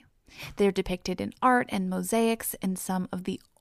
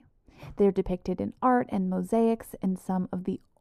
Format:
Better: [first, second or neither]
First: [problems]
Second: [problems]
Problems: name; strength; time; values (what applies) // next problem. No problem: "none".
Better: first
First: none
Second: muffled; slightly; fading above 1.5 kHz